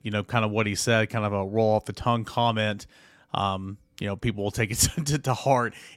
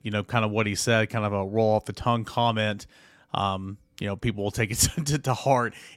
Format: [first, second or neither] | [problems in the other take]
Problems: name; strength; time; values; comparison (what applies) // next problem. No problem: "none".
neither | none